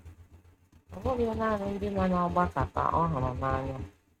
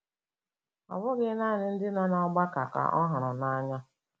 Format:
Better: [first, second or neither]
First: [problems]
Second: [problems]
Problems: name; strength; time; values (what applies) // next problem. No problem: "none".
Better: second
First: noise reduction (neural mask model RNNoise)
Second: none